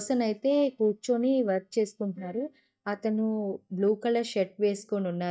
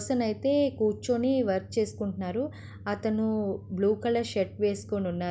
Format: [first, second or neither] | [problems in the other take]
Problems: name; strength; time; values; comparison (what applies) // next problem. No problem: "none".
second | noise reduction (neural mask model DeepFilterNet 3)